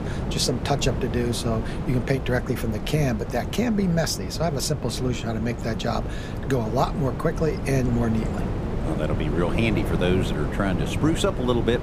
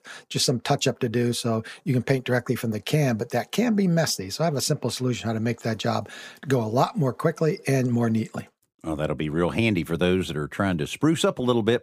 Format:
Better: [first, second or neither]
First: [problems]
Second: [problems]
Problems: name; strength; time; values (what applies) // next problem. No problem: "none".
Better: second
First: wind noise on the microphone; heavy; 7 dB below the speech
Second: none